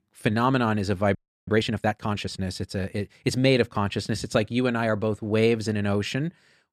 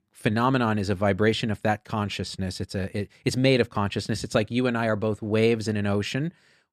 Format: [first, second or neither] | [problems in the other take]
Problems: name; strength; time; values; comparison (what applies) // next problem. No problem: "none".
second | audio freezing; at 1 s